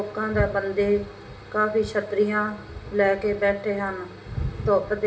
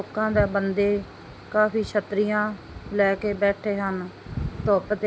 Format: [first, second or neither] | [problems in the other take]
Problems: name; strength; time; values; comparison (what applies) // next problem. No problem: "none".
second | room echo; dies away in 1.6 s